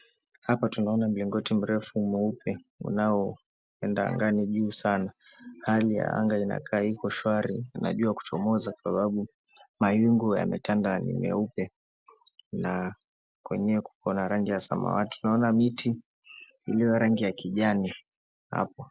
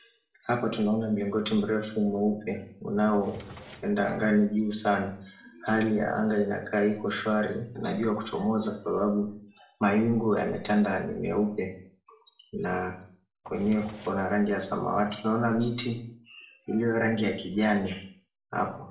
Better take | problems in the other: first | background sound (Drawer open or close); 19 dB below the speech // room echo; dies away in 0.5 s

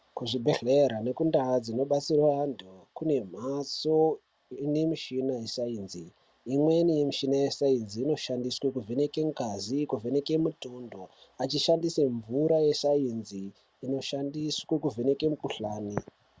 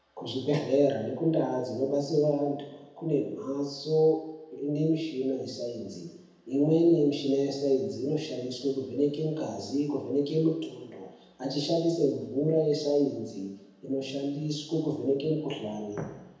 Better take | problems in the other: first | room echo; dies away in 0.9 s

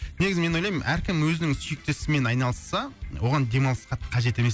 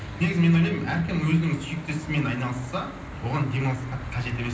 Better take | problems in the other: first | background sound (Church bell / Traffic noise, roadway noise); 14 dB below the speech // room echo; dies away in 0.6 s

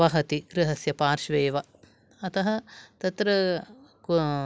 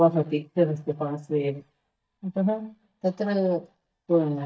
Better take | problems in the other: first | noise reduction (neural mask model DeepFilterNet 3)

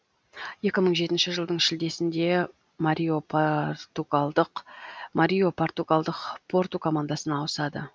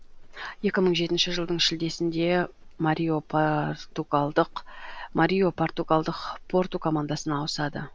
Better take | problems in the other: first | background sound (Livestock, farm animals, working animals); 16 dB below the speech

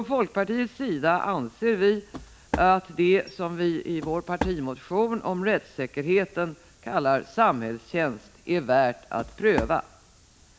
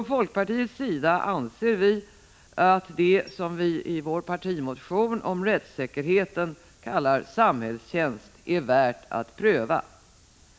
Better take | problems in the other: second | background sound (Walk, footsteps); 9 dB below the speech

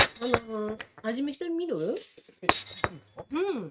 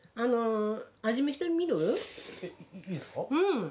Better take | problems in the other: second | noise reduction (neural mask model RNNoise)

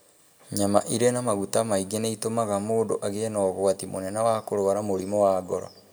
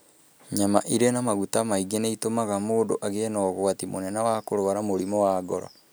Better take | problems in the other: second | room echo; dies away in 1 s

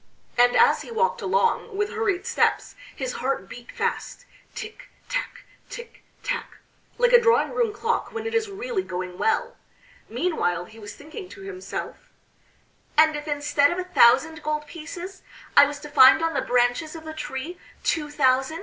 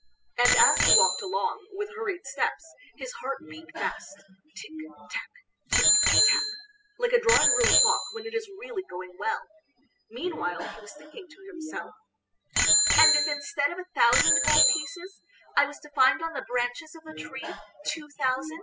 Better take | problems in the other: first | noise reduction (classical method spectral subtraction)

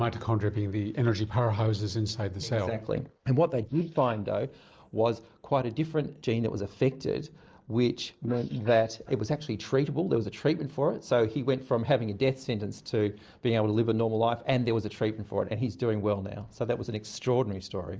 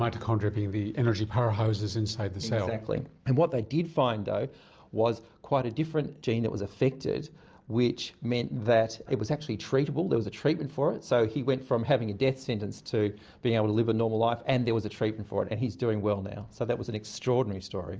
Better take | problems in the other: second | noise reduction (neural mask model Resemble Enhance denoiser)

